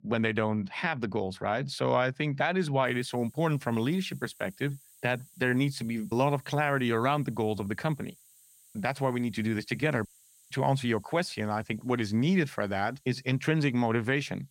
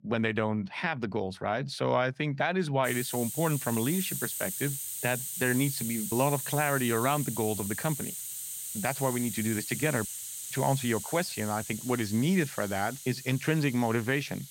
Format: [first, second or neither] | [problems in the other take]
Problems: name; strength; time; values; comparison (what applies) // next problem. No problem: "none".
first | hiss; loud; from 3 s on; 5 dB below the speech; faint in the first